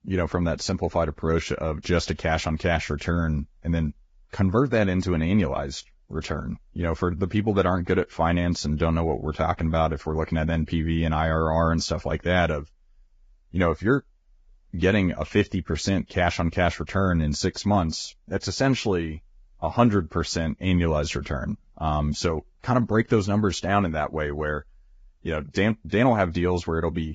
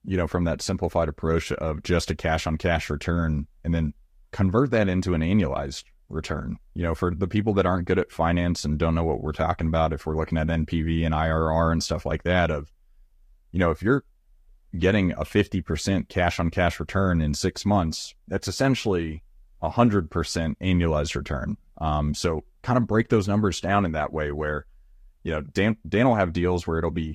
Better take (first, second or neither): second